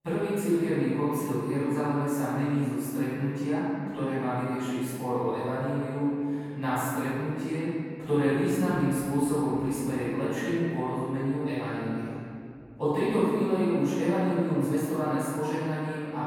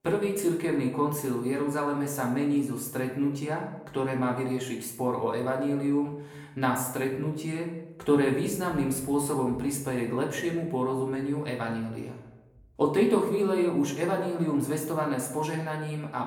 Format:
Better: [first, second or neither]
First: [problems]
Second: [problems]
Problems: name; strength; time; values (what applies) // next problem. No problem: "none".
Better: second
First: room echo; strong; dies away in 2.4 s // off-mic speech; far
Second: room echo; slight; dies away in 0.7 s // off-mic speech; far